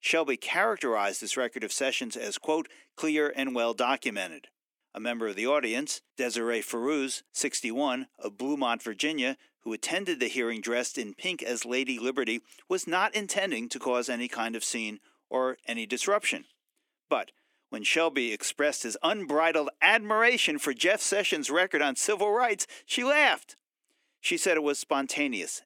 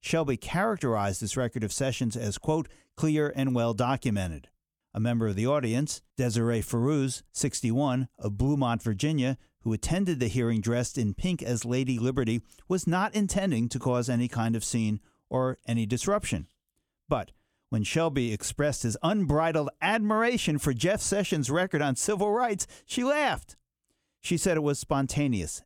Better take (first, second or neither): second